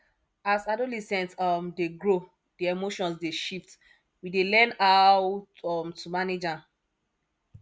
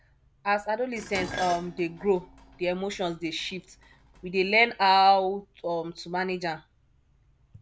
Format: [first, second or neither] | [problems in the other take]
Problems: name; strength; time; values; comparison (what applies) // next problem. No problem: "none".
first | background sound (Dishes, pots, and pans); 18 dB below the speech